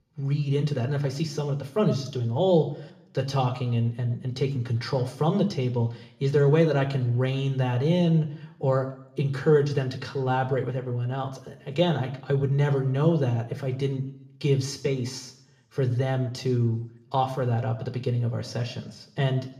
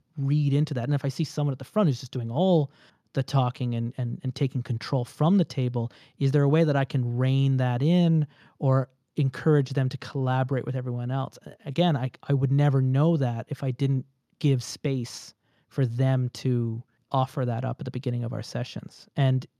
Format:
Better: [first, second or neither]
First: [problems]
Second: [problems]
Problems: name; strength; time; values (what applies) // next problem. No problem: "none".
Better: second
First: room echo; slight; dies away in 0.5 s // off-mic speech; somewhat distant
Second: none